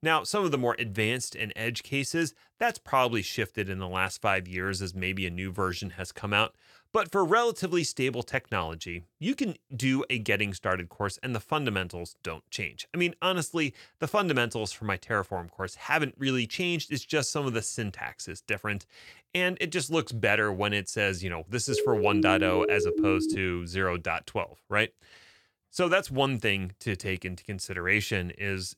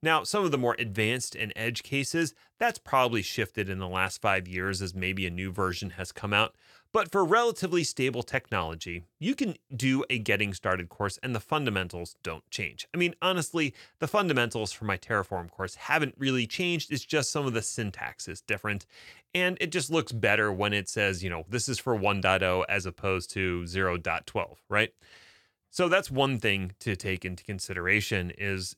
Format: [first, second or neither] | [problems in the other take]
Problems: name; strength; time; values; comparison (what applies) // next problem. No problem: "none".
second | siren; loud; from 22 to 23 s; peak 2 dB above the speech